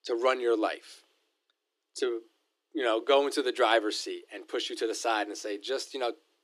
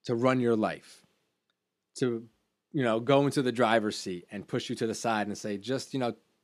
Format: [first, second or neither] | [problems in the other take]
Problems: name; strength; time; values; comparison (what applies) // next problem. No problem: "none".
second | thin; very; fading below 300 Hz